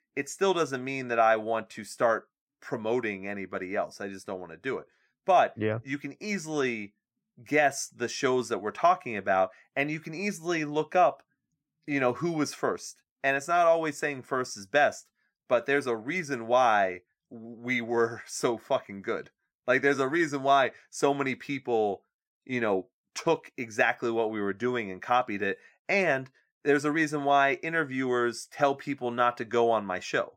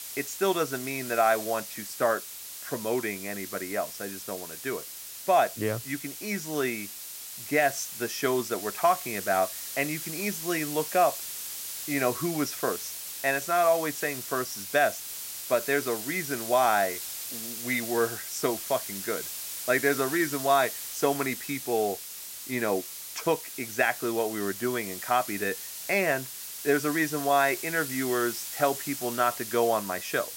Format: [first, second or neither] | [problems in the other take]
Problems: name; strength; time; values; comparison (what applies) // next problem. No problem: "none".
first | hiss; loud; throughout; 7 dB below the speech